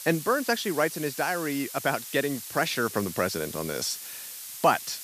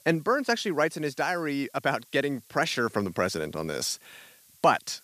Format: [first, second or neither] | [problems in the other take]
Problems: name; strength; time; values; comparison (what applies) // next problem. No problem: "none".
second | hiss; loud; throughout; 9 dB below the speech; faint in the second